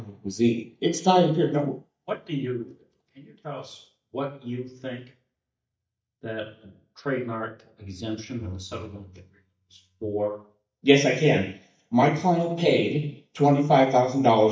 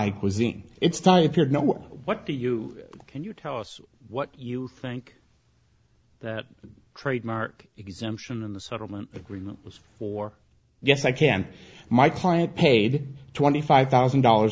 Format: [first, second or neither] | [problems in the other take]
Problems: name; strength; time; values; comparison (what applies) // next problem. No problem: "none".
second | noise reduction (neural mask model DeepFilterNet 3)